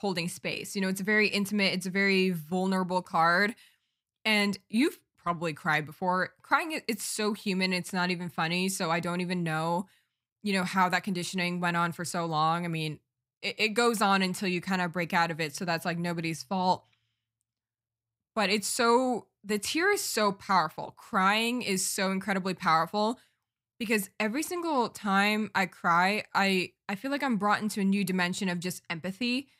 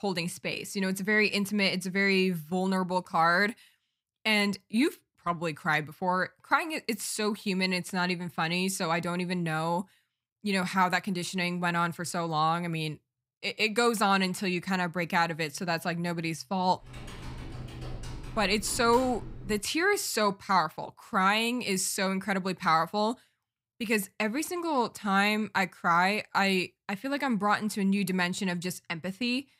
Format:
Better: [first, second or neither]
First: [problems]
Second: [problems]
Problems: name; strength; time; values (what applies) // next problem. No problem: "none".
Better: first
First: none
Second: keyboard typing; faint; from 17 to 20 s; peak 15 dB below the speech